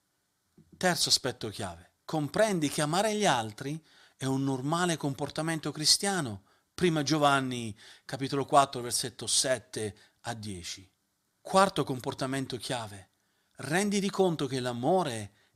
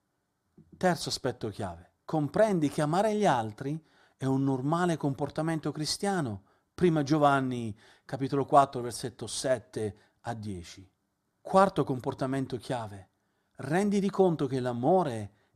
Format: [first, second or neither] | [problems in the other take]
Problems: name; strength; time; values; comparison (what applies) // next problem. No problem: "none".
first | muffled; slightly; fading above 1.5 kHz